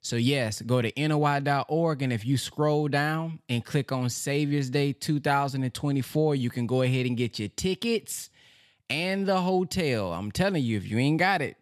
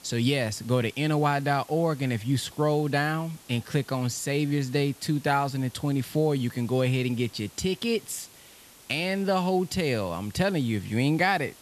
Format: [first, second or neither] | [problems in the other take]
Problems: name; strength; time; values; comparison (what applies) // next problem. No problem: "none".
first | hiss; faint; throughout; 25 dB below the speech